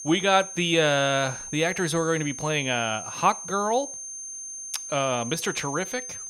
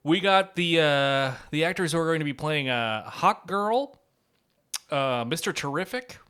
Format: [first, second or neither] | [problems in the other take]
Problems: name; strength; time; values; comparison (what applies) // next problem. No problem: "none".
second | high-pitched whine; loud; throughout; 6.5 kHz, 9 dB below the speech